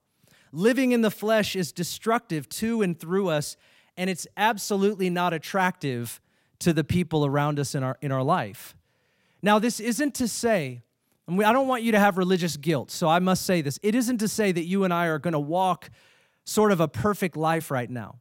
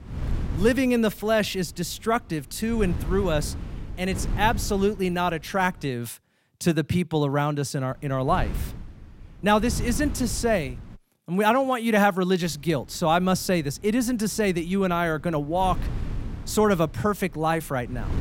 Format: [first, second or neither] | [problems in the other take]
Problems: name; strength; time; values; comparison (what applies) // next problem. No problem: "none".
first | wind noise on the microphone; occasional gusts; until 6 s, from 8 to 11 s and from 12 s on; 20 dB below the speech